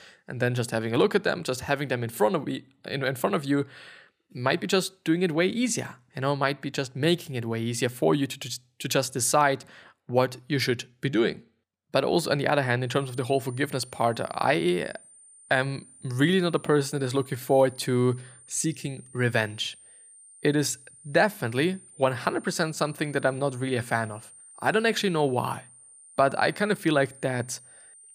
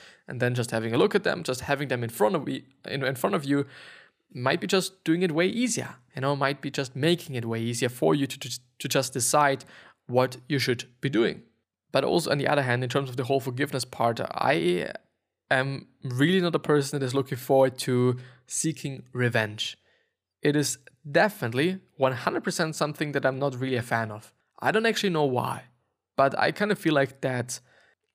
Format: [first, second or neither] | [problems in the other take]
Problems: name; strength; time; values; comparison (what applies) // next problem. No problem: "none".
second | high-pitched whine; faint; from 13 s on; 9 kHz, 20 dB below the speech